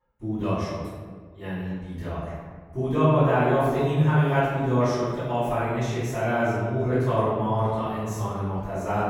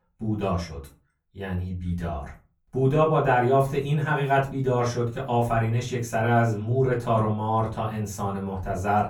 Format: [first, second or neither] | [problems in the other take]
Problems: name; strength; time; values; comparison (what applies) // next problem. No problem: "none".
second | room echo; strong; dies away in 1.5 s; slight in the second // off-mic speech; far; far in the second